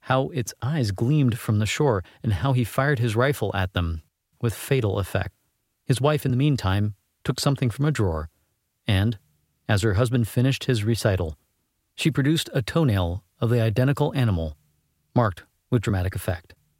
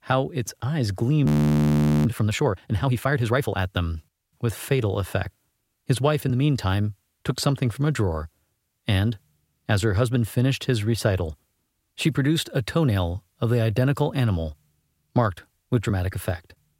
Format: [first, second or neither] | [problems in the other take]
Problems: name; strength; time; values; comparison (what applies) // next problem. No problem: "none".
first | audio freezing; at 1.5 s for 1 s